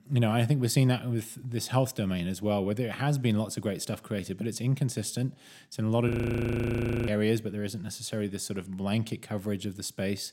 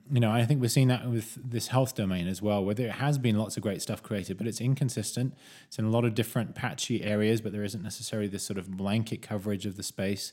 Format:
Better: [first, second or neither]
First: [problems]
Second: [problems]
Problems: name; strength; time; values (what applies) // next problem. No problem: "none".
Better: second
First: audio freezing; at 6 s for 1 s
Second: none